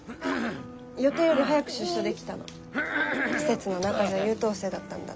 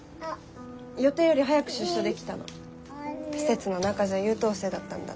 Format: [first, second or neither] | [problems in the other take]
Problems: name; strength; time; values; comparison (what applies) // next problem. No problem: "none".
second | background sound (Cough); 5 dB below the speech